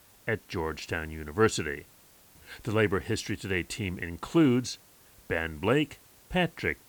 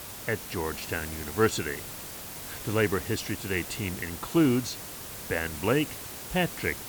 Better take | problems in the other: first | hiss; loud; throughout; 8 dB below the speech; faint in the first

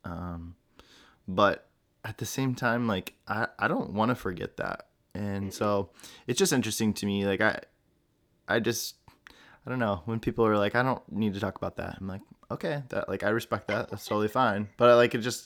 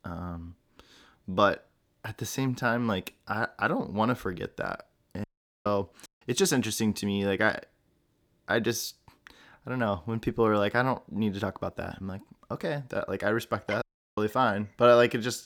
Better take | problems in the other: first | audio cutting out; at 5 s, at 6 s and at 14 s

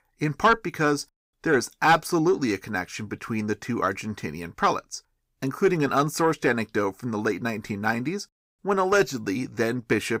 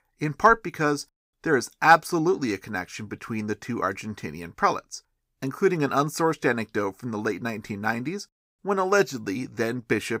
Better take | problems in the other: second | distortion; slight; 10 dB below the speech

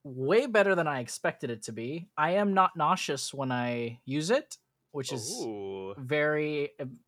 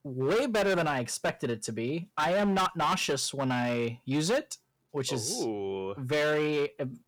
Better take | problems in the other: first | distortion; heavy; 13% of the sound clipped

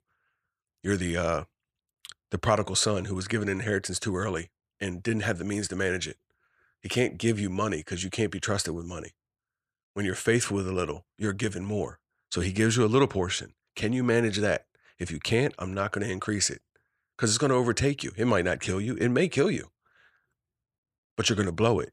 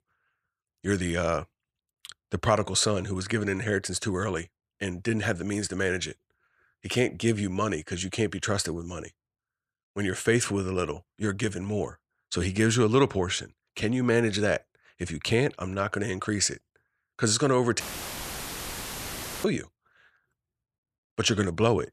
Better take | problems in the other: first | audio cutting out; filled with static; at 18 s for 1.5 s

